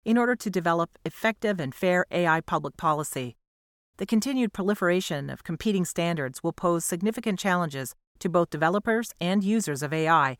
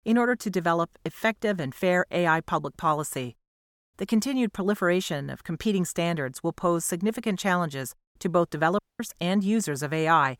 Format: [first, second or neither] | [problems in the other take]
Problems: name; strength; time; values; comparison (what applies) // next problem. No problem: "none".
first | audio cutting out; at 9 s